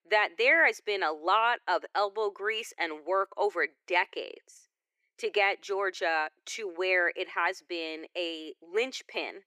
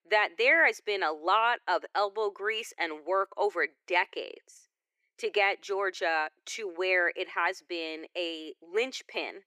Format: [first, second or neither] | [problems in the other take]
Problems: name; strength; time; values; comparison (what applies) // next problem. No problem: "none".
neither | thin; very; fading below 350 Hz; the same in both